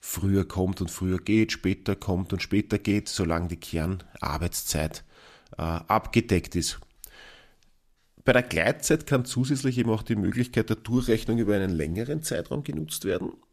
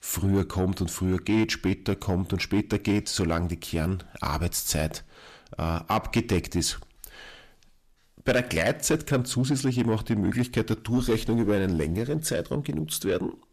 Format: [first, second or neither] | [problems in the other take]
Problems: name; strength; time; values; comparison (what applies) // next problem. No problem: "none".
first | distortion; slight; 10 dB below the speech